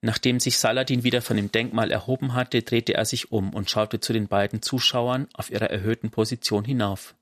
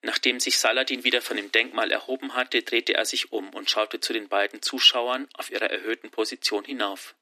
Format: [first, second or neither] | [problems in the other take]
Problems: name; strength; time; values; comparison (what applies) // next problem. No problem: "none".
first | thin; somewhat; fading below 250 Hz